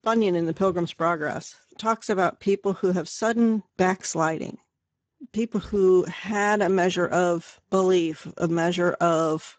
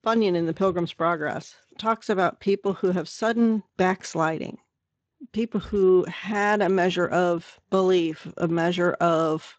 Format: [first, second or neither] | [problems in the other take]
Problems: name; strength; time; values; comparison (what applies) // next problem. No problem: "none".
second | garbled, watery; badly; nothing above 7.5 kHz; slightly in the second